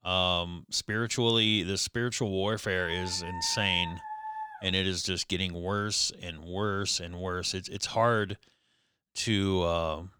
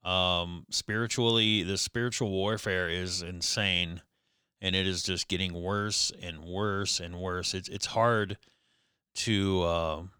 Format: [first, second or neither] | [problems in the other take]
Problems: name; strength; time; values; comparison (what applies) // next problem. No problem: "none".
second | dog barking; noticeable; from 3 to 4.5 s; peak 9 dB below the speech